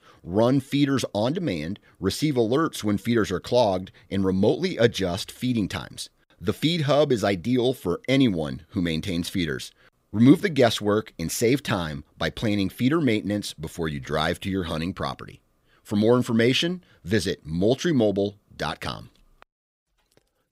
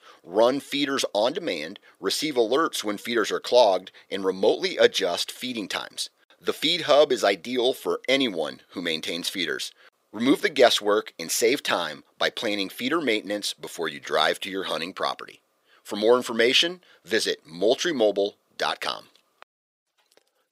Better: first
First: none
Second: thin; somewhat; fading below 500 Hz

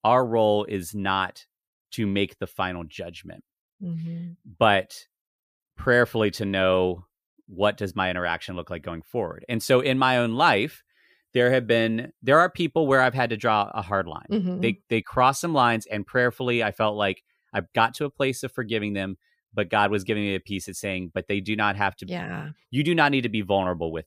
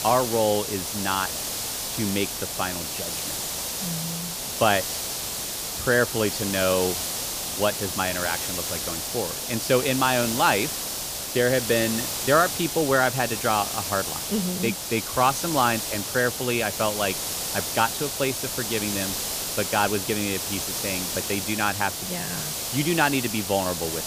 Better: first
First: none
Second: hiss; loud; throughout; 2 dB below the speech

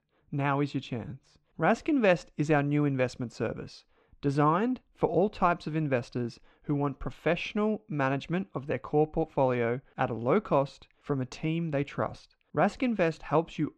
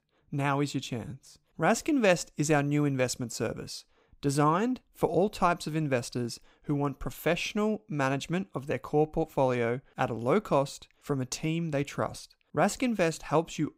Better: second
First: muffled; slightly; fading above 3 kHz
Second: none

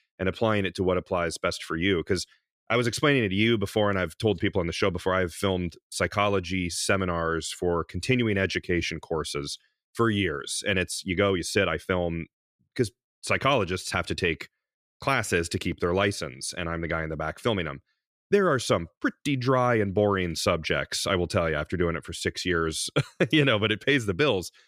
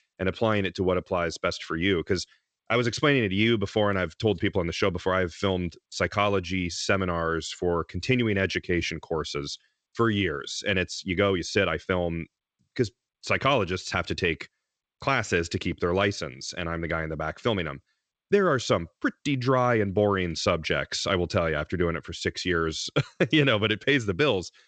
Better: first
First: none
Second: garbled, watery; slightly; nothing above 7.5 kHz

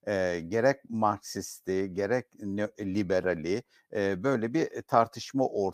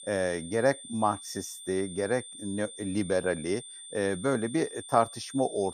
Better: first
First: none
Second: high-pitched whine; noticeable; throughout; 9 kHz, 10 dB below the speech

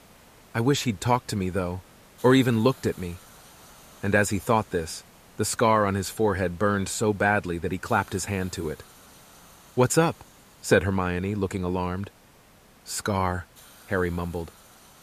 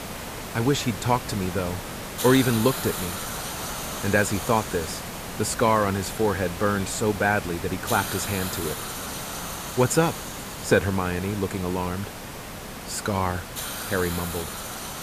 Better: first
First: hiss; faint; throughout; 25 dB below the speech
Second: hiss; loud; throughout; 7 dB below the speech

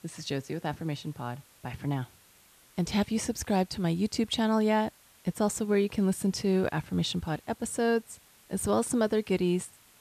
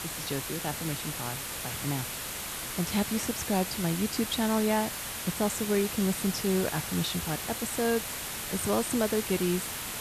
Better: first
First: hiss; faint; throughout; 25 dB below the speech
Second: hiss; loud; throughout; 3 dB below the speech

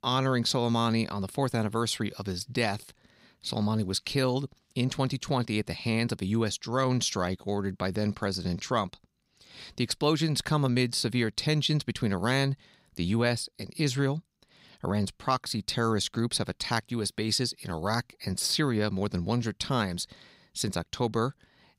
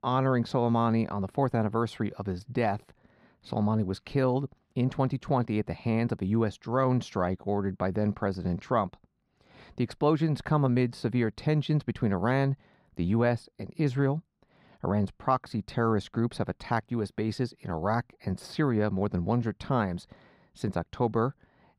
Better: first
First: none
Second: muffled; very; fading above 2.5 kHz

